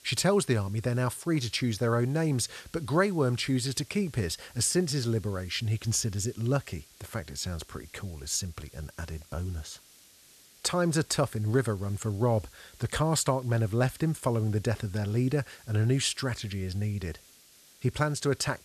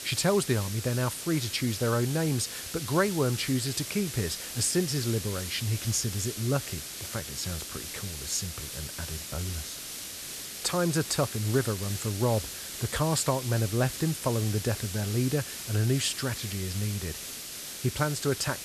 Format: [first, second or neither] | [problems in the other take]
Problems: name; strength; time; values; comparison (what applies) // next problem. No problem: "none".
first | hiss; loud; throughout; 7 dB below the speech; faint in the first